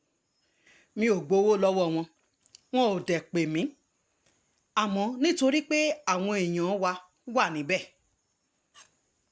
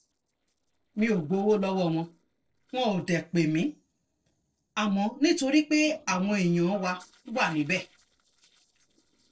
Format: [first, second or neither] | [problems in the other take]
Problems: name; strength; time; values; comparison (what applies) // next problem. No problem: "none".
first | noise reduction (neural separator model SepFormer DNS4)